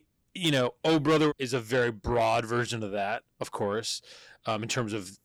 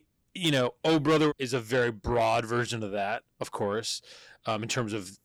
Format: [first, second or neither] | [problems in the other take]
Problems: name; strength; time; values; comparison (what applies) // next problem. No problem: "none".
neither | distortion; heavy; 8 dB below the speech; the same in both